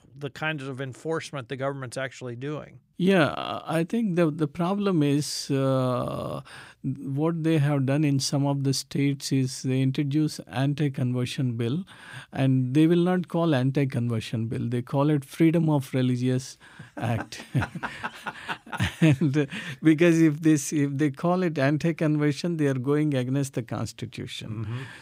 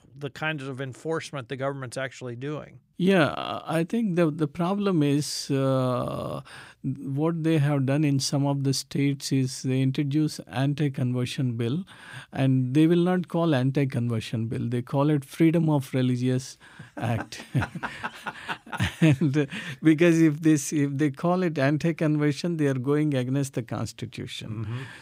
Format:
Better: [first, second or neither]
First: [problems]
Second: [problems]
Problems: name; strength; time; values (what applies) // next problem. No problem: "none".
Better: neither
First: none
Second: none